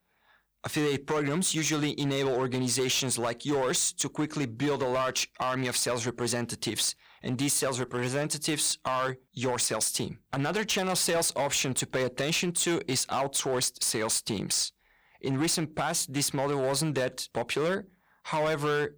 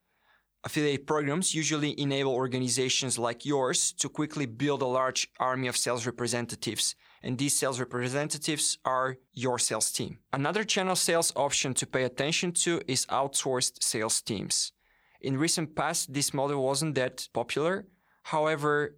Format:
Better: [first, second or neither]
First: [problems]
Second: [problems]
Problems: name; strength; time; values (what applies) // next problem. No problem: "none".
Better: second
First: distortion; slight; 11% of the sound clipped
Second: none